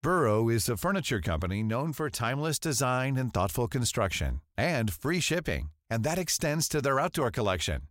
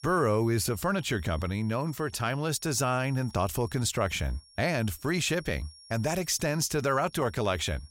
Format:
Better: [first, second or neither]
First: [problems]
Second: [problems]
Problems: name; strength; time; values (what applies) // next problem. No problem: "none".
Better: first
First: none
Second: high-pitched whine; faint; throughout; 5.5 kHz, 25 dB below the speech